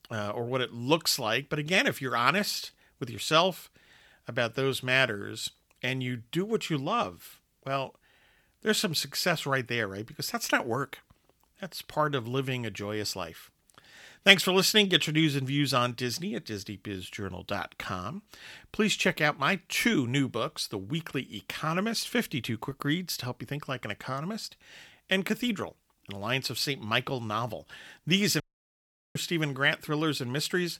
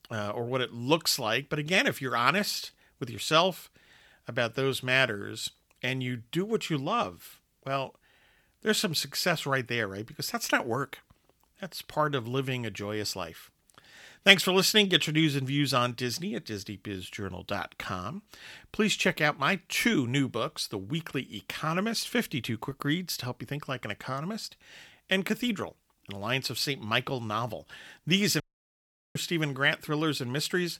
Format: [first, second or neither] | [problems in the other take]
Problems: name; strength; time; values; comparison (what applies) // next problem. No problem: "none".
neither | audio cutting out; at 28 s for 1 s; the same in both